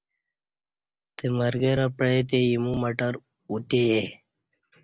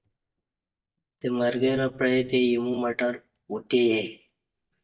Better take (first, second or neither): first